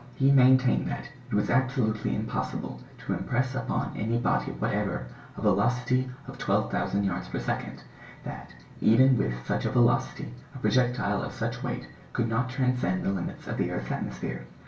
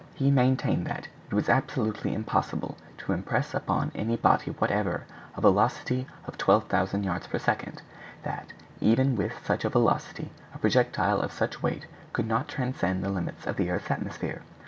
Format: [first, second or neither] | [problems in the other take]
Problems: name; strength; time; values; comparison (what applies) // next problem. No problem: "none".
second | room echo; dies away in 0.3 s